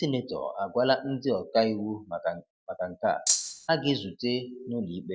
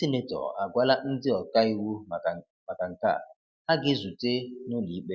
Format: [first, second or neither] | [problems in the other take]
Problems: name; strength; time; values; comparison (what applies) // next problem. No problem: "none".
second | background sound (Rattle (instrument)); 2 dB above the speech